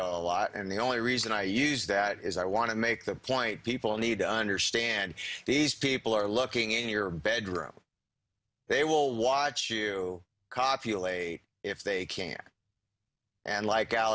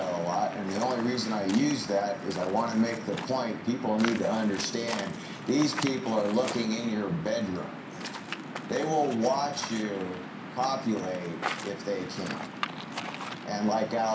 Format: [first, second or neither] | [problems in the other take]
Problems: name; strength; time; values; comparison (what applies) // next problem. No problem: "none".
first | background sound (Waves, surf); 8 dB below the speech // room echo; dies away in 0.5 s